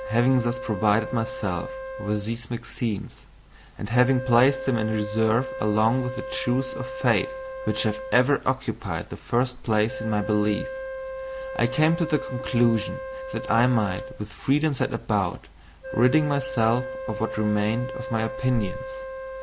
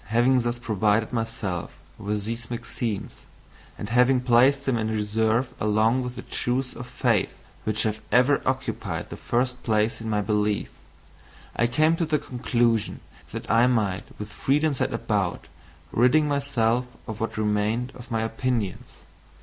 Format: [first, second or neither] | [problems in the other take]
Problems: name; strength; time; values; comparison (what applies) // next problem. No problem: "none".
second | background sound (Wind instrument, woodwind instrument); 10 dB below the speech